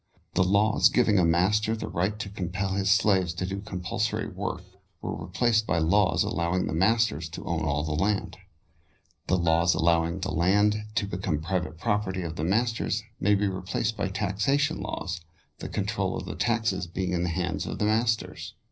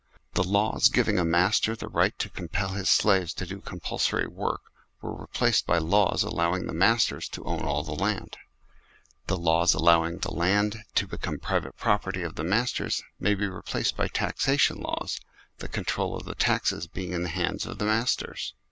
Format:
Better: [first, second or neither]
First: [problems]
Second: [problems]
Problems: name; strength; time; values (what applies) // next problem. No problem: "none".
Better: second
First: noise reduction (neural separator model SepFormer DNS4)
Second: none